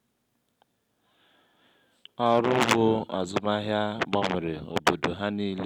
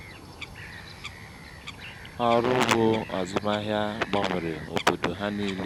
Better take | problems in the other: first | background sound (Bird vocalization, bird call, bird song); 13 dB below the speech

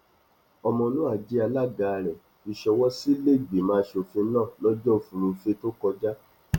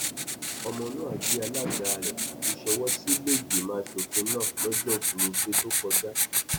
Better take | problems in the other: first | background sound (Writing); 5 dB above the speech

